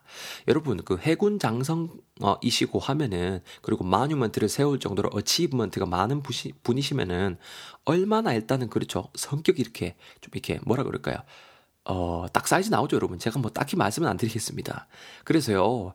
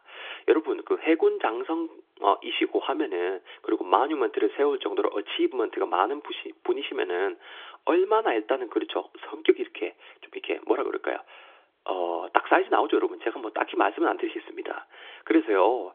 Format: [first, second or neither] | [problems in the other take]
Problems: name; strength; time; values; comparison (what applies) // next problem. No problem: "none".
first | phone-call audio; nothing above 3.5 kHz